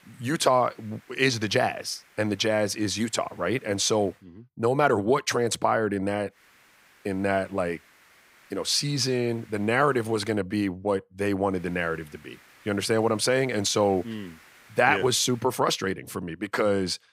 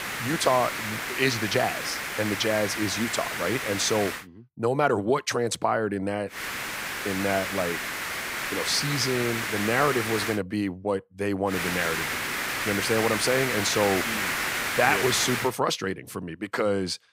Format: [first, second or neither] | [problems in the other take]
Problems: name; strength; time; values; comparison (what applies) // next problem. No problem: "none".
first | hiss; loud; until 4 s, from 6.5 to 10 s and from 12 to 15 s; 2 dB below the speech; faint in the first